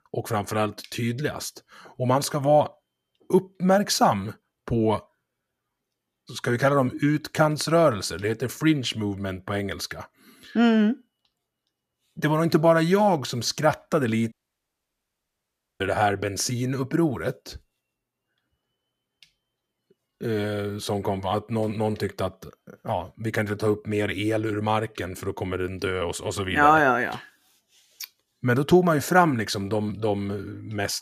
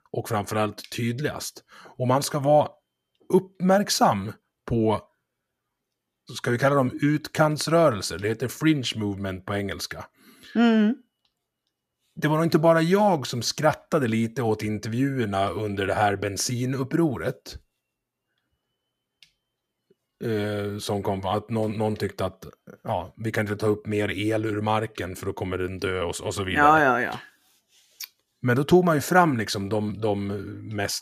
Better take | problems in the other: second | audio cutting out; at 14 s for 1.5 s

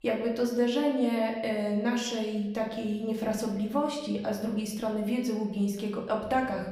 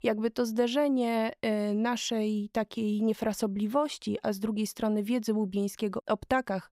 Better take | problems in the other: second | room echo; slight; dies away in 1 s // off-mic speech; far

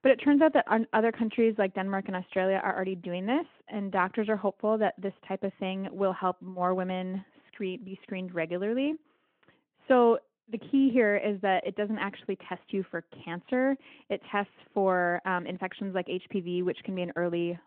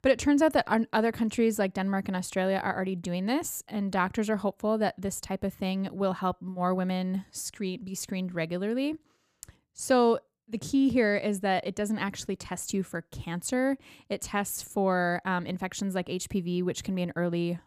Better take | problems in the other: second | phone-call audio

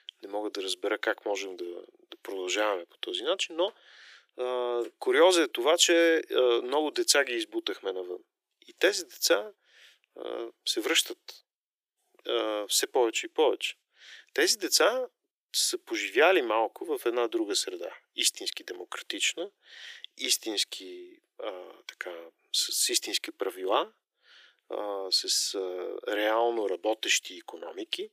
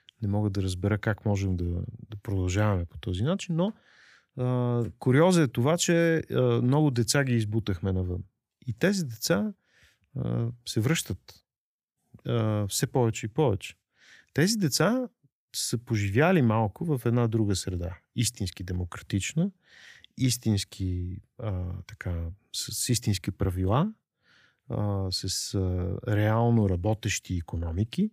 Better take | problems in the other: second | thin; very; fading below 350 Hz

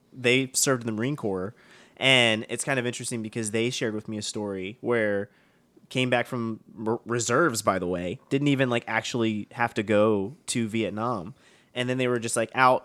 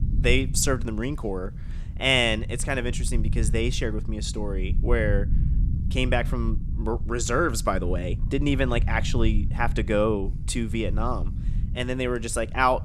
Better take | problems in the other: first | low rumble; noticeable; throughout; 20 dB below the speech

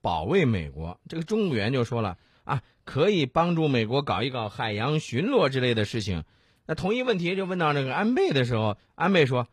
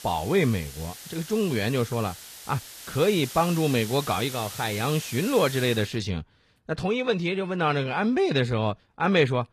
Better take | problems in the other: first | hiss; noticeable; until 6 s; 10 dB below the speech

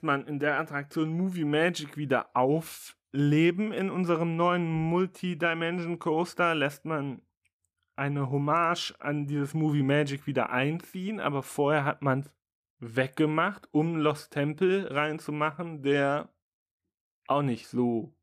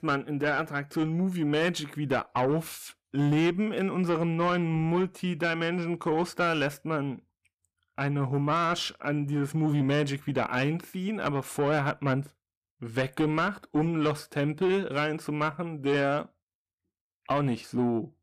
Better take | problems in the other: first | distortion; slight; 10 dB below the speech

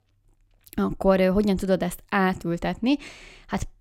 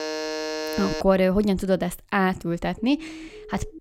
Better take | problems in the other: first | alarm; noticeable; until 1 s; peak 5 dB below the speech // siren; faint; from 3 s on; peak 15 dB below the speech

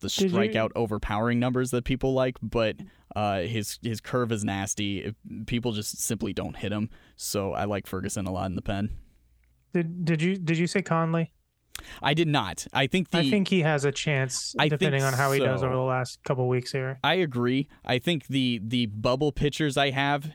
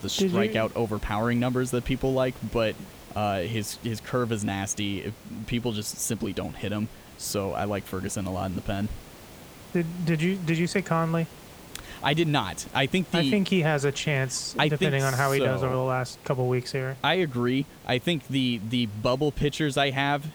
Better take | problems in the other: first | hiss; noticeable; throughout; 20 dB below the speech

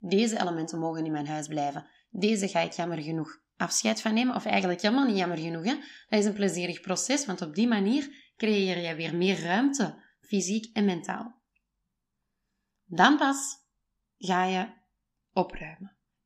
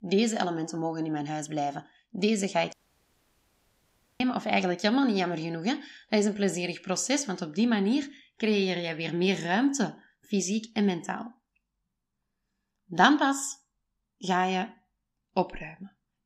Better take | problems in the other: first | audio cutting out; at 2.5 s for 1.5 s

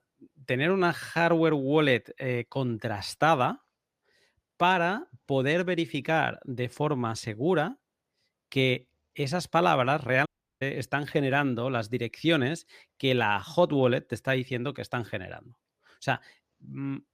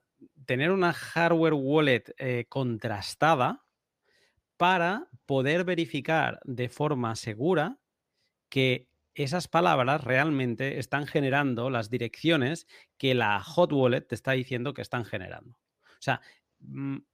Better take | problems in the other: second | audio cutting out; at 10 s

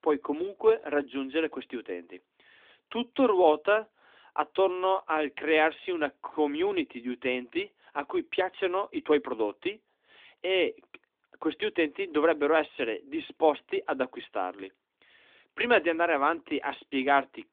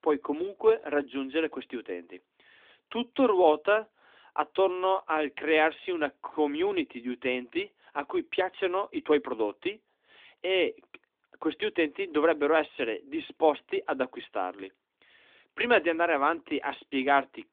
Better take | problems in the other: neither | phone-call audio; nothing above 3.5 kHz; the same in both

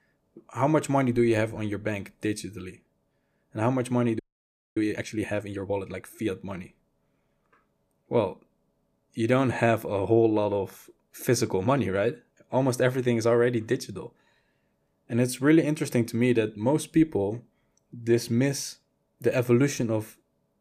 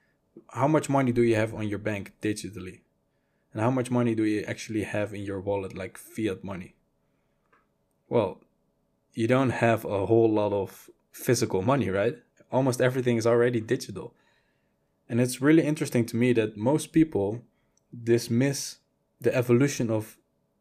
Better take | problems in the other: second | audio freezing; at 4 s for 0.5 s

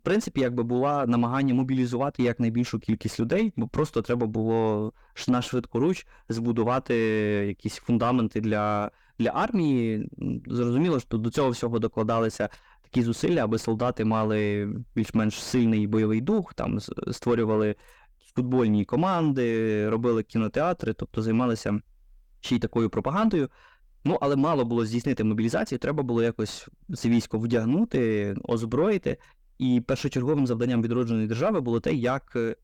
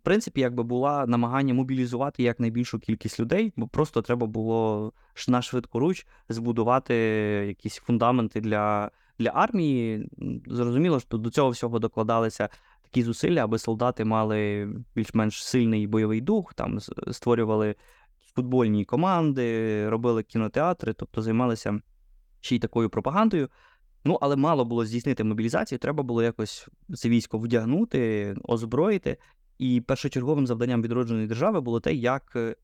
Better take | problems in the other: second | distortion; slight; 10 dB below the speech

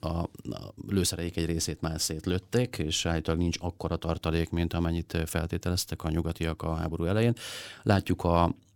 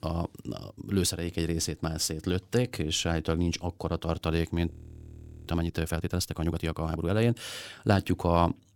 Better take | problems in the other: first | audio freezing; at 4.5 s for 1 s

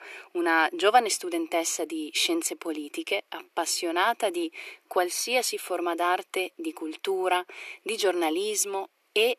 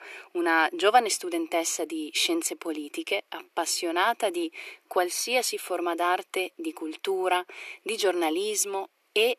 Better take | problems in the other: neither | thin; very; fading below 350 Hz; the same in both

